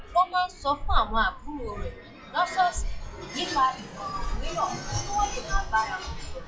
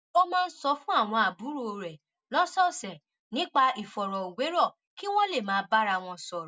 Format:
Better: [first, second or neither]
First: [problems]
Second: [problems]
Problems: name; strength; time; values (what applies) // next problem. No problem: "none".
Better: second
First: noise reduction (classical method log-MMSE)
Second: none